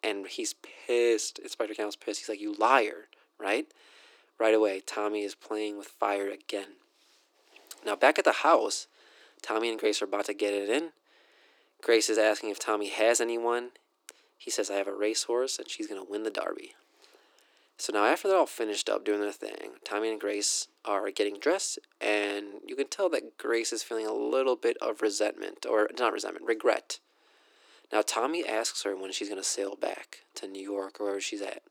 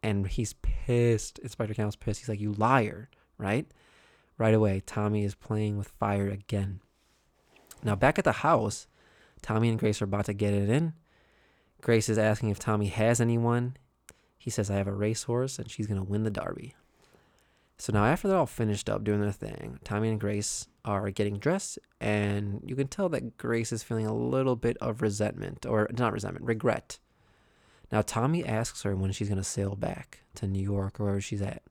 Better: second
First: thin; very; fading below 300 Hz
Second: none

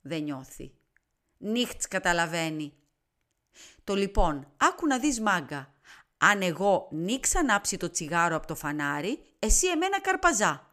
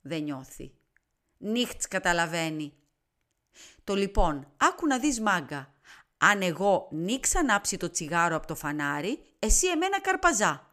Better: neither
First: none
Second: none

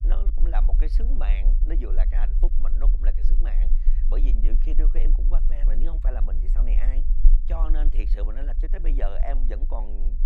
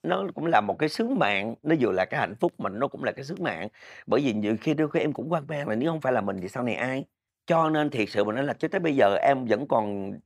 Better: second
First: low rumble; loud; throughout; 10 dB below the speech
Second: none

